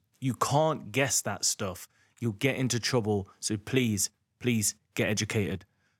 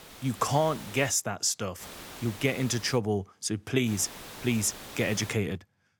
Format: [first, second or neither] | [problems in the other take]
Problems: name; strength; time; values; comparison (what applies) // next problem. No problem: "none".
first | hiss; noticeable; until 1 s, from 2 to 3 s and from 4 to 5.5 s; 15 dB below the speech